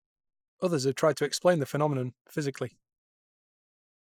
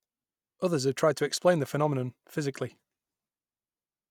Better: second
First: noise reduction (neural mask model Resemble Enhance denoiser)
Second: none

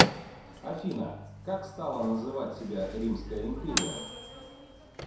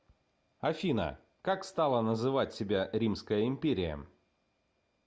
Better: second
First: background sound (Microwave oven / Bell); 1 dB above the speech // room echo; dies away in 0.7 s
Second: none

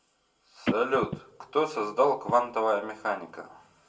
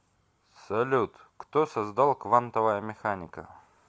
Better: second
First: background sound (Telephone); 8 dB below the speech // room echo; dies away in 0.2 s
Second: none

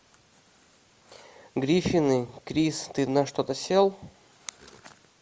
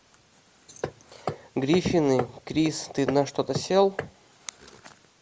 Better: first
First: none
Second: background sound (Hammer); 9 dB below the speech

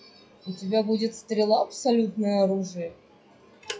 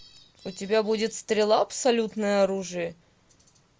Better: second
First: noise reduction (classical method WPE with log-MMSE)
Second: none

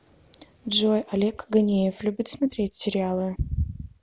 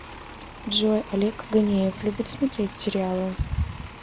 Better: first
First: none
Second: background sound (Bus); 15 dB below the speech

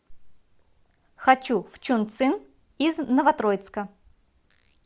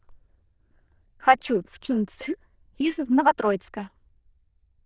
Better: first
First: none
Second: noise reduction (neural diffusion model UNIVERSE++)

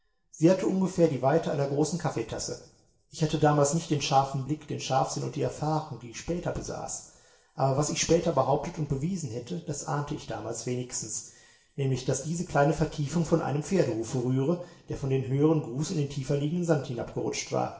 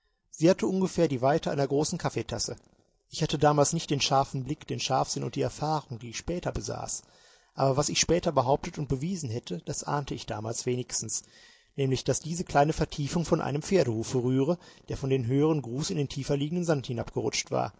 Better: second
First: room echo; dies away in 0.6 s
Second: none

